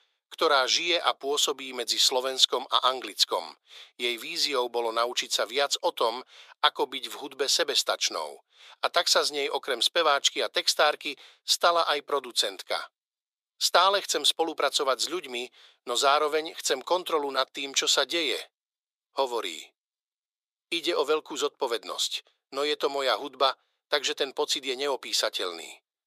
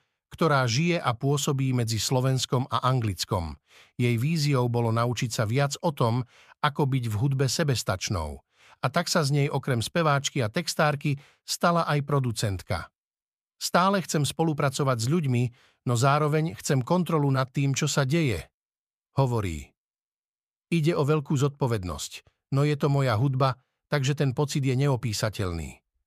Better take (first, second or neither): second